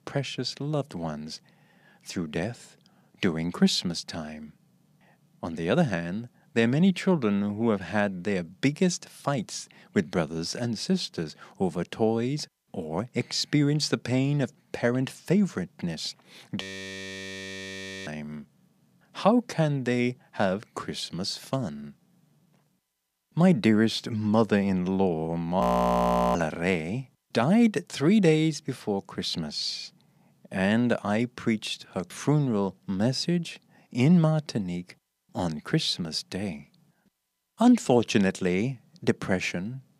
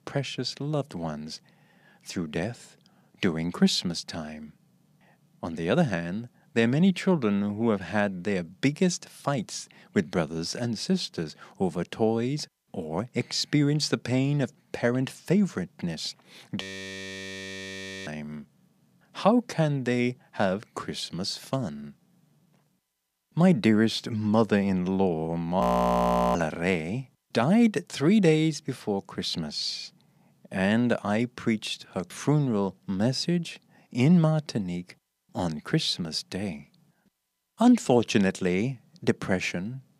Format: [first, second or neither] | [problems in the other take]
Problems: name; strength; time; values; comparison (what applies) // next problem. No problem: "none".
neither | audio freezing; at 17 s for 1.5 s and at 26 s for 0.5 s; the same in both